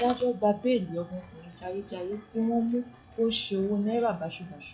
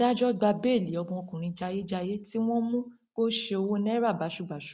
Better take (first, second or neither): second